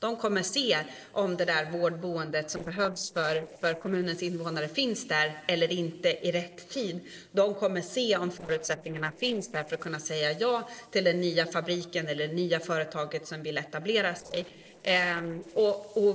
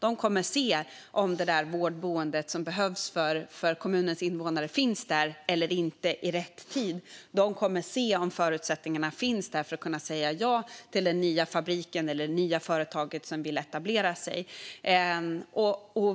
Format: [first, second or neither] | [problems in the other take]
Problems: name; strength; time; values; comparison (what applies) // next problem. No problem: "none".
second | noise reduction (neural separator model SepFormer DNS4)